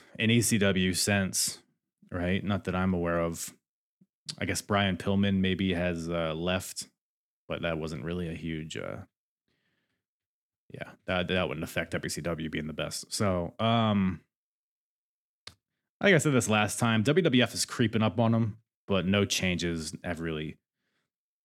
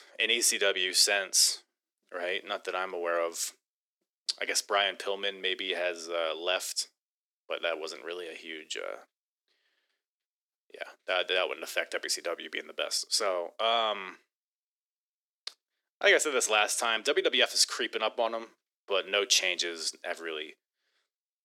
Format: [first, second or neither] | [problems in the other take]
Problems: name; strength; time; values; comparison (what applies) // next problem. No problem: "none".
first | thin; very; fading below 400 Hz